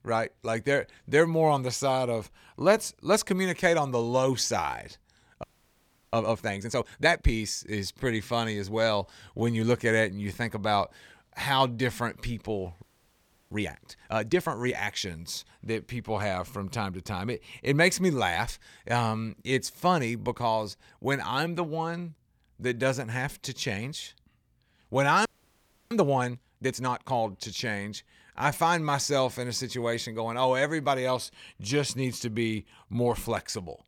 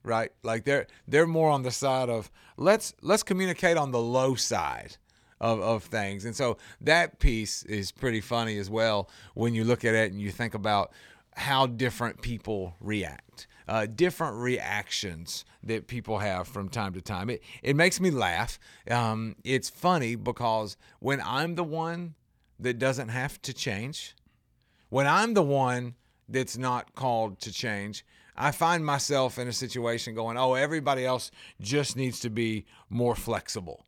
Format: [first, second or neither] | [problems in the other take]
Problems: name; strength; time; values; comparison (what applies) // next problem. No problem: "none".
second | audio freezing; at 5.5 s for 0.5 s, at 13 s for 0.5 s and at 25 s for 0.5 s